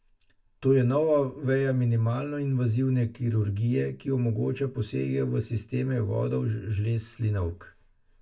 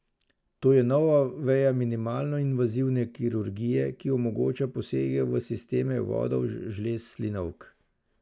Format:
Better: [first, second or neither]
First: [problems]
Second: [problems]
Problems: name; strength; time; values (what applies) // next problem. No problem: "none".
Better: second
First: room echo; dies away in 0.2 s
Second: none